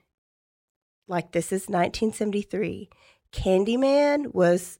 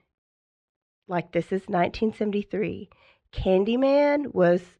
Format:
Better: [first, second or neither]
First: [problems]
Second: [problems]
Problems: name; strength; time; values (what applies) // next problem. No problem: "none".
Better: first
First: none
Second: muffled; slightly; fading above 3.5 kHz